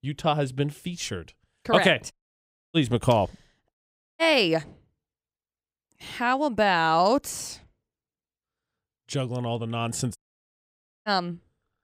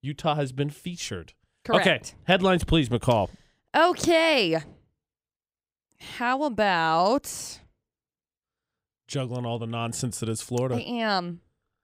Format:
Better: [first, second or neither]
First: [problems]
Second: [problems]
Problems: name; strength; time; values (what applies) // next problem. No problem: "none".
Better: second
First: audio cutting out; at 2 s for 0.5 s, at 3.5 s and at 10 s for 1 s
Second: none